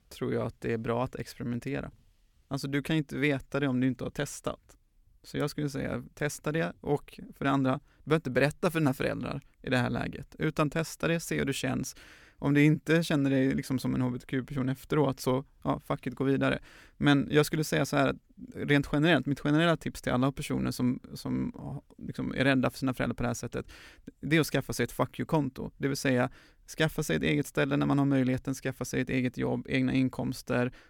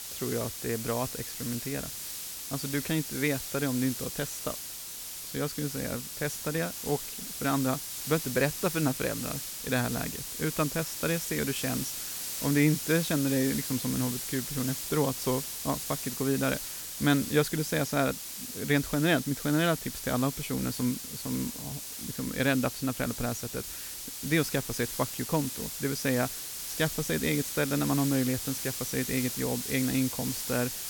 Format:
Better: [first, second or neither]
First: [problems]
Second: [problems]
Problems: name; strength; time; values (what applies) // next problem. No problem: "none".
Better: first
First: none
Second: hiss; loud; throughout; 4 dB below the speech